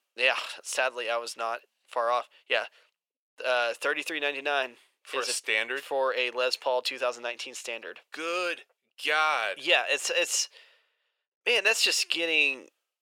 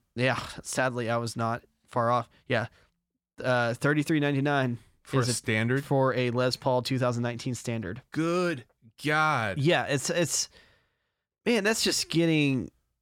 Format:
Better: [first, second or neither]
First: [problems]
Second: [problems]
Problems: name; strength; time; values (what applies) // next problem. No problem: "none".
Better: second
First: thin; very; fading below 500 Hz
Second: none